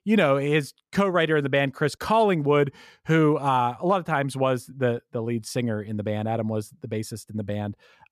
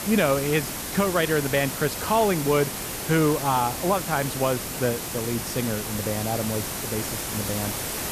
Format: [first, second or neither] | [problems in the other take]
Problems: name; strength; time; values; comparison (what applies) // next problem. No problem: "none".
first | hiss; loud; throughout; 4 dB below the speech